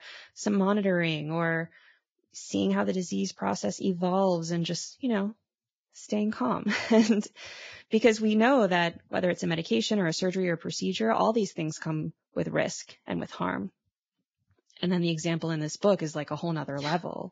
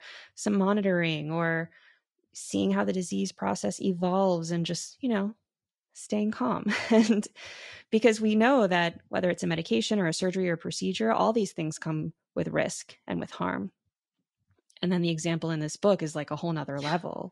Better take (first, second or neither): second